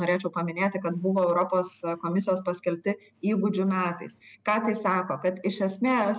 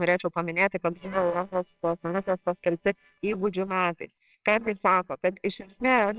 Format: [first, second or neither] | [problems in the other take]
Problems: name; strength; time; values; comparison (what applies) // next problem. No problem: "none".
first | noise reduction (neural separator model SepFormer WHAMR!)